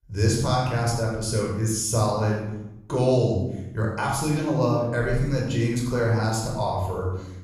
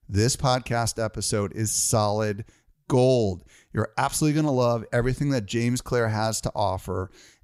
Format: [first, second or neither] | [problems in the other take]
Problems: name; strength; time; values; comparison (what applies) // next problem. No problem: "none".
second | off-mic speech; far // room echo; noticeable; dies away in 0.9 s